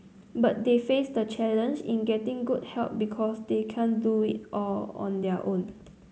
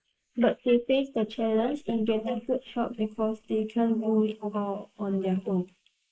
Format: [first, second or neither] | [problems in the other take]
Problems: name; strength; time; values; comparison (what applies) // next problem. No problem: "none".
first | noise reduction (neural mask model Resemble Enhance denoiser)